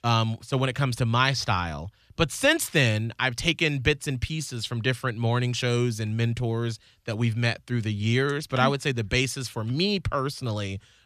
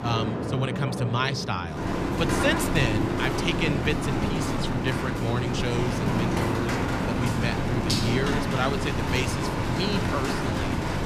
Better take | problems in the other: first | rain or running water; very loud; throughout; 2 dB above the speech

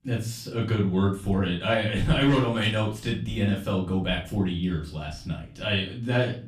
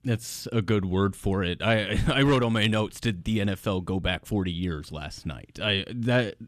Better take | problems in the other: second | off-mic speech; far // room echo; slight; dies away in 0.3 s

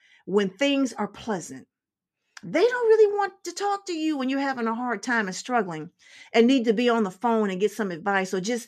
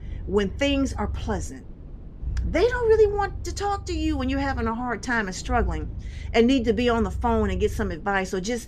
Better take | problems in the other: first | low rumble; faint; throughout; 25 dB below the speech

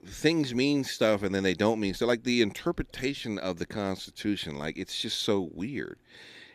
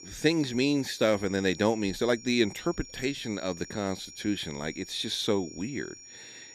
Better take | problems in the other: first | high-pitched whine; noticeable; throughout; 5.5 kHz, 15 dB below the speech

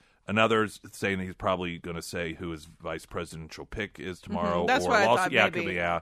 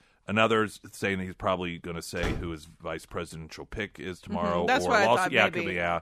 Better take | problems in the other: first | door banging; noticeable; at 2 s; peak 7 dB below the speech

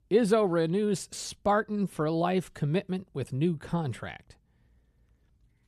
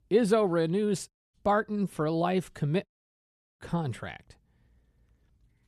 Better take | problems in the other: first | audio cutting out; at 1 s and at 3 s for 0.5 s

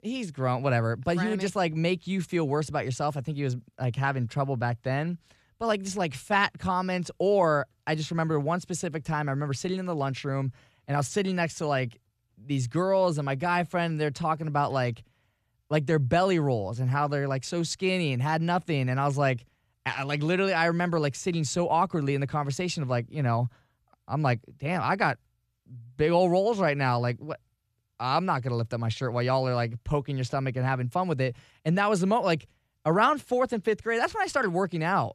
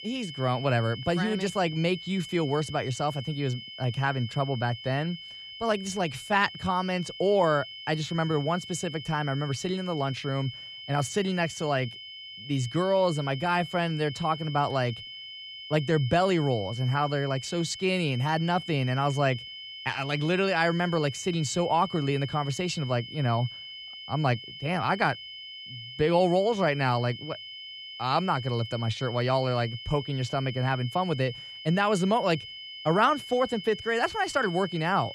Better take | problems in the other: first | high-pitched whine; noticeable; throughout; 3 kHz, 10 dB below the speech

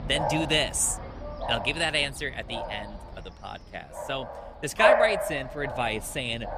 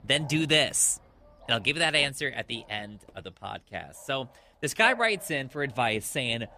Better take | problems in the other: second | animal sounds; loud; throughout; 2 dB below the speech; faint in the second

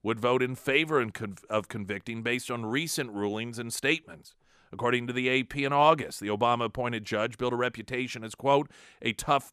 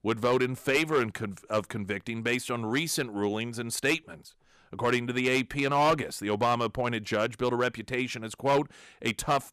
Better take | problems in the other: first | distortion; slight; 3% of the sound clipped

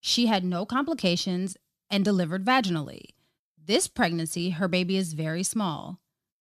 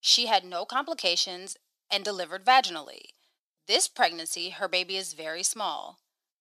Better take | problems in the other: first | thin; very; fading below 450 Hz

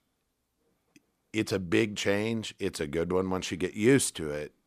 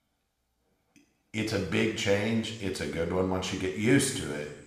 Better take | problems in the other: first | room echo; slight; dies away in 0.9 s // off-mic speech; somewhat distant

